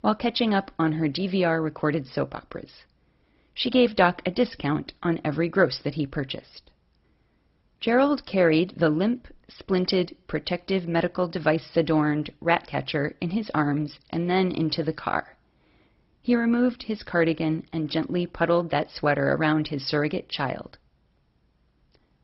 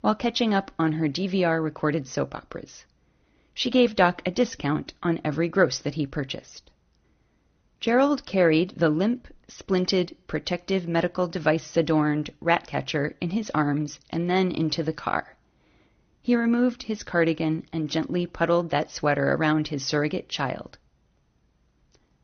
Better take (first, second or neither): second